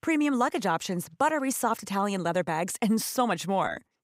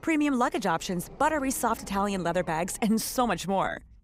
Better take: first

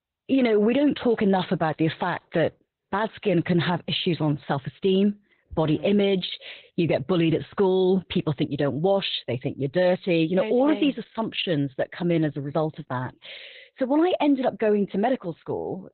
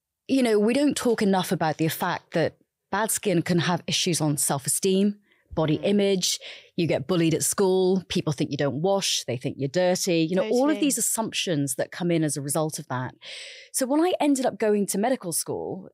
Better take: second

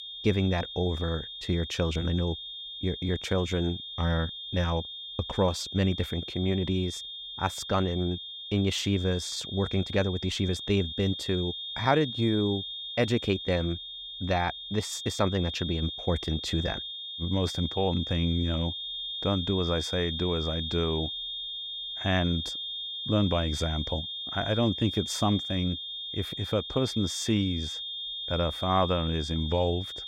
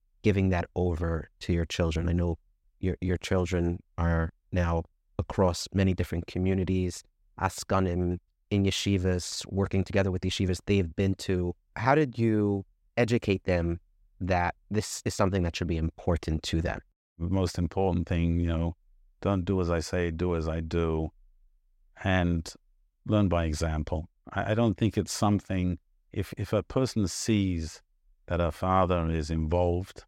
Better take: second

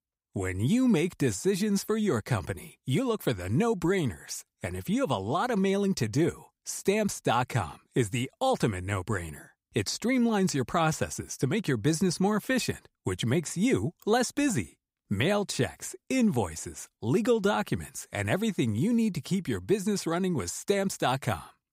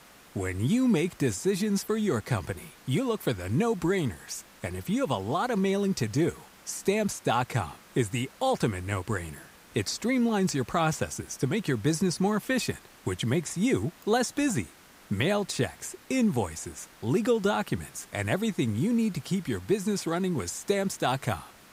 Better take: first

